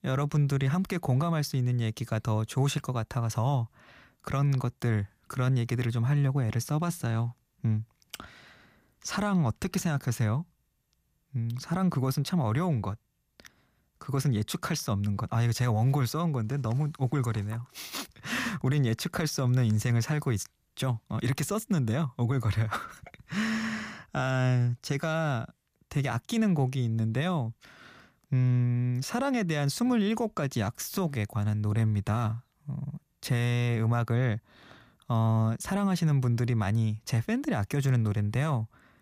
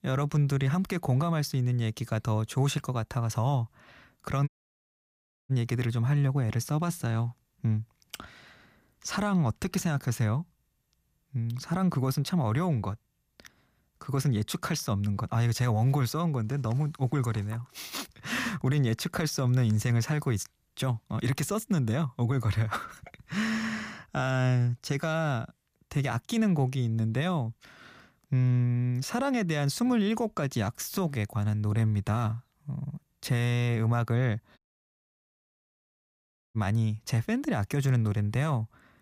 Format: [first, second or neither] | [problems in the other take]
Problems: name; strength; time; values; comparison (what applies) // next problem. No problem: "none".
first | audio cutting out; at 4.5 s for 1 s and at 35 s for 2 s